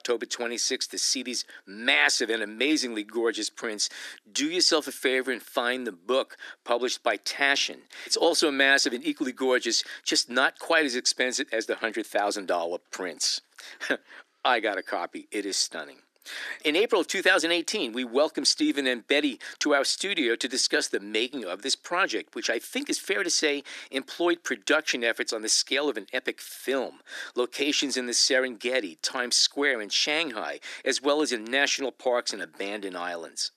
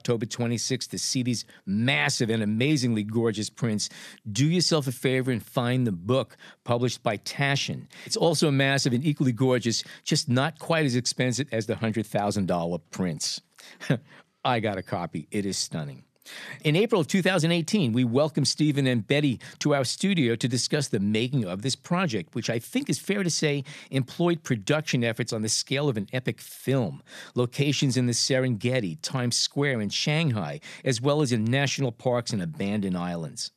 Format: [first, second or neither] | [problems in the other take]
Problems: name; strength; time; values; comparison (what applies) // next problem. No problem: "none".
second | thin; somewhat; fading below 300 Hz